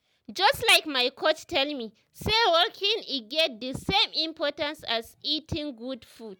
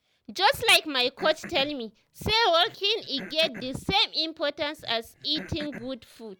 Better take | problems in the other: first | background sound (Cough); 19 dB below the speech

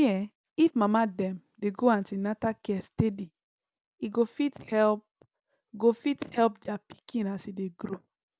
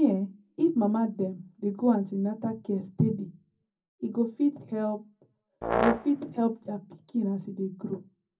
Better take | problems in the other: first | background sound (Brass instrument); 1 dB below the speech // room echo; dies away in 0.4 s

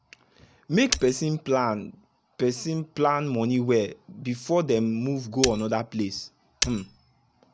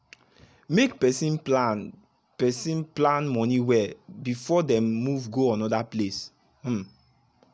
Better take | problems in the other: second | background sound (Shatter); 3 dB below the speech

